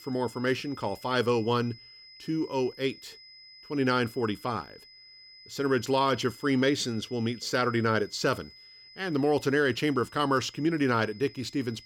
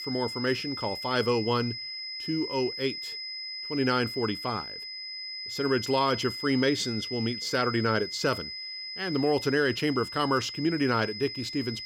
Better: first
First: high-pitched whine; faint; throughout; 5 kHz, 20 dB below the speech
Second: high-pitched whine; loud; throughout; 5 kHz, 6 dB below the speech

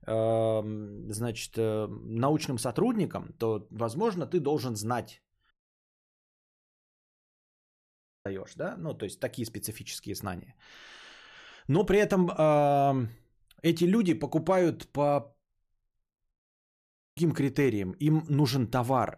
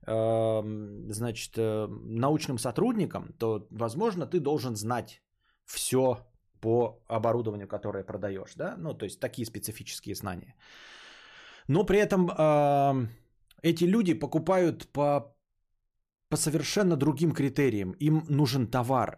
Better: second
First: audio cutting out; at 5.5 s for 2.5 s and at 16 s for 1 s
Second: none

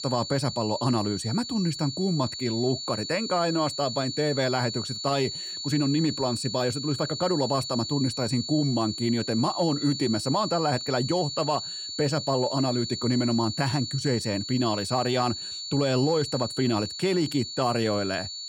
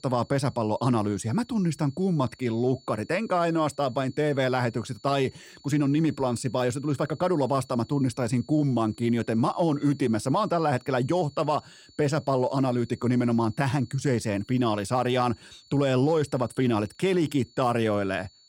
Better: second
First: high-pitched whine; loud; throughout; 4.5 kHz, 6 dB below the speech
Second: high-pitched whine; faint; throughout; 4.5 kHz, 30 dB below the speech

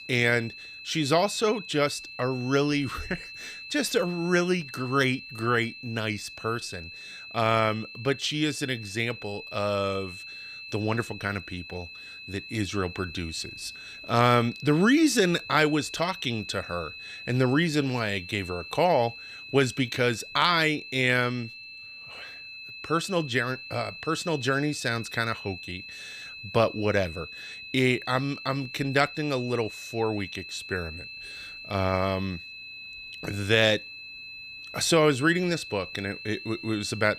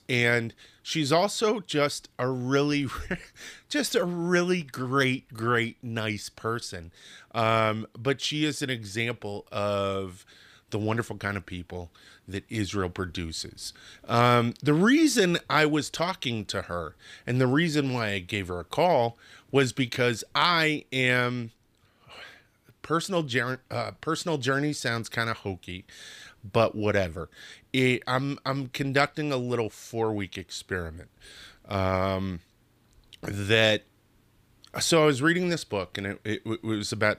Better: second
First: high-pitched whine; noticeable; throughout; 2.5 kHz, 15 dB below the speech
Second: none

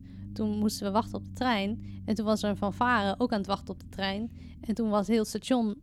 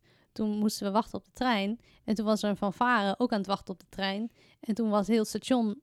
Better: second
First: low rumble; faint; throughout; 25 dB below the speech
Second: none

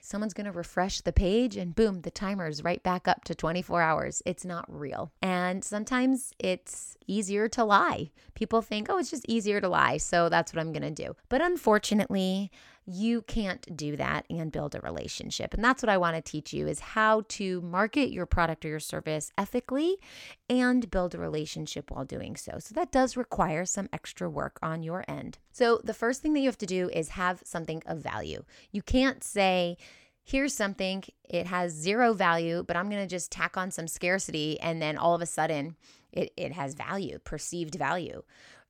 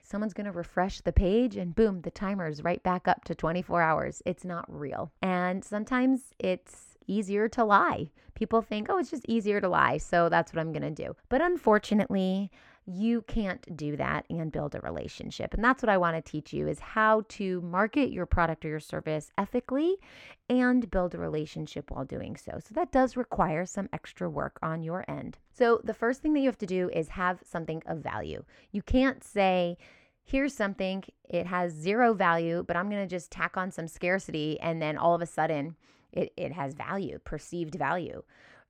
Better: first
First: none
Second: muffled; slightly; fading above 3.5 kHz

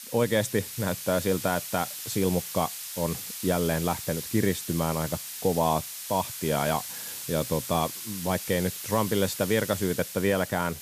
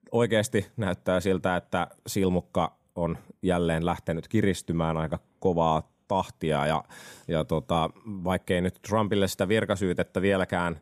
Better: second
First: hiss; loud; throughout; 7 dB below the speech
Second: none

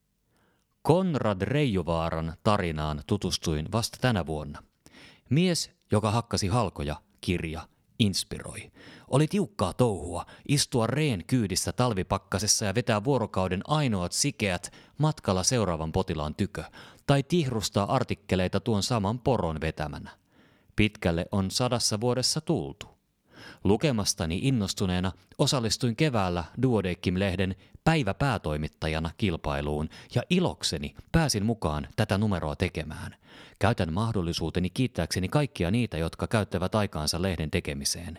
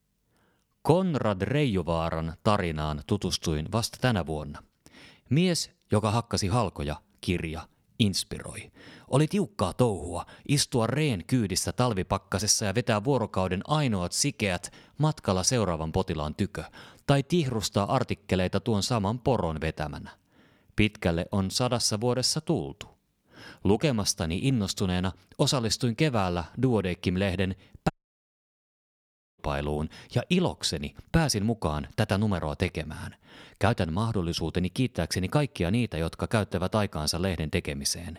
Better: first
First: none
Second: audio cutting out; at 28 s for 1.5 s

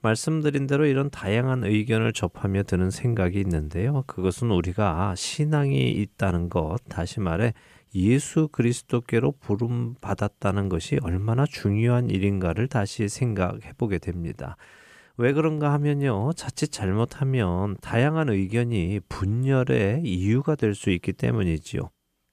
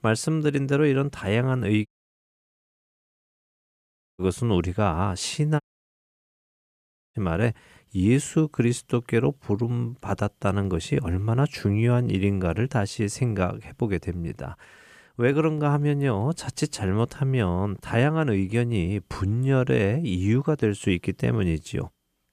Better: first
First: none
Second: audio cutting out; at 2 s for 2.5 s and at 5.5 s for 1.5 s

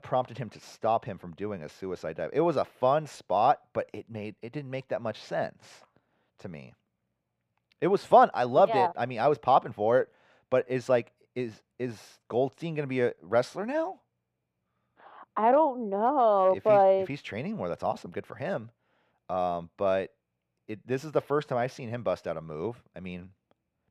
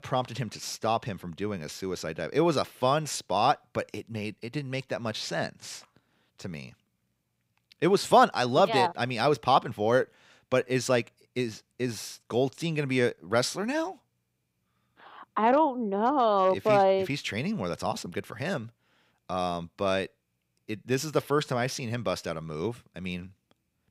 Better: second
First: muffled; slightly; fading above 3.5 kHz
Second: none

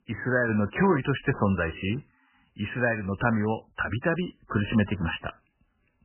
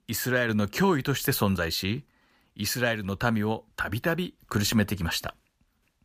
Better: second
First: garbled, watery; badly; nothing above 3 kHz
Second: none

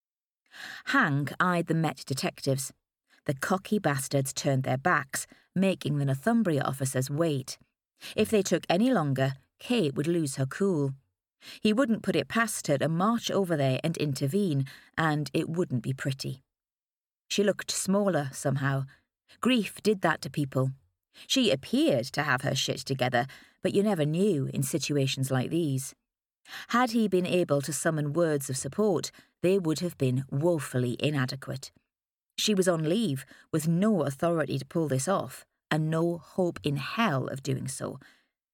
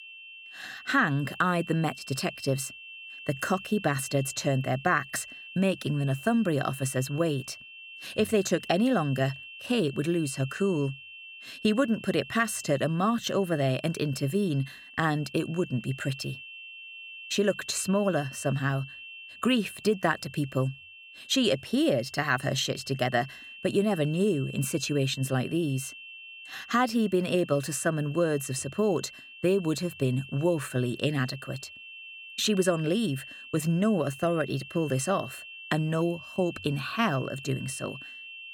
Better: first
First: none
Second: high-pitched whine; noticeable; throughout; 2.5 kHz, 15 dB below the speech

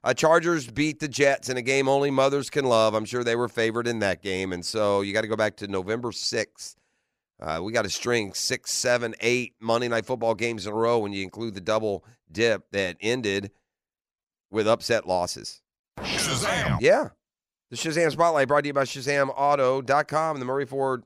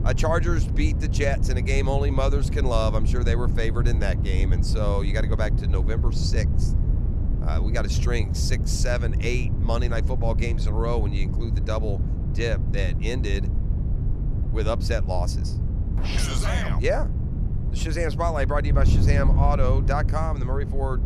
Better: first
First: none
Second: wind noise on the microphone; heavy; 9 dB below the speech

